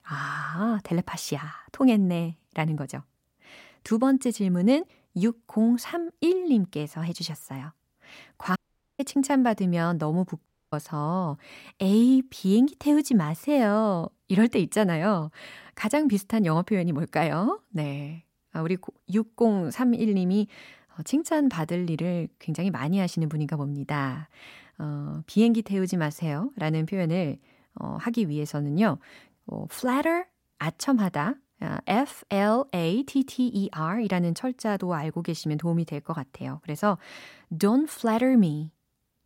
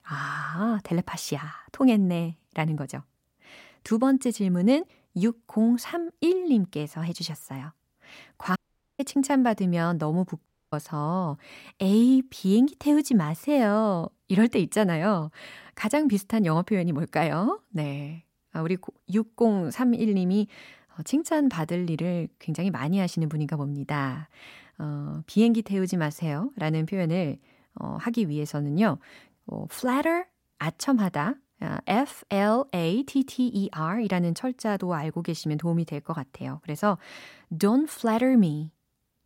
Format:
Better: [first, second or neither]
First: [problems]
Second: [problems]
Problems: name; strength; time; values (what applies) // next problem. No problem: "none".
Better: neither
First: audio cutting out; at 8.5 s and at 10 s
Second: audio cutting out; at 8.5 s and at 10 s